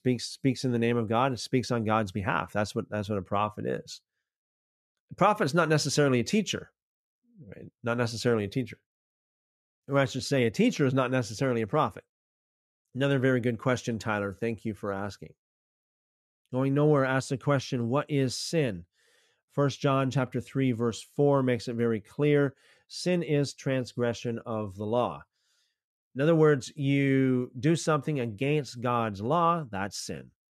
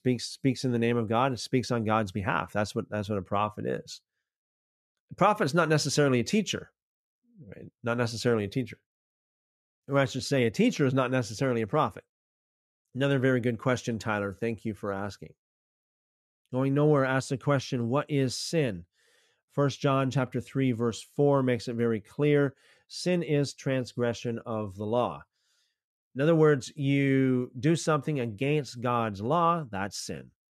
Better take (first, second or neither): neither